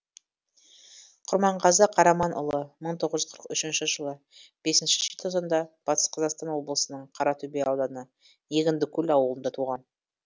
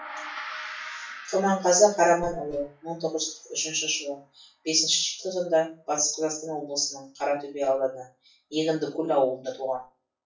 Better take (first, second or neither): first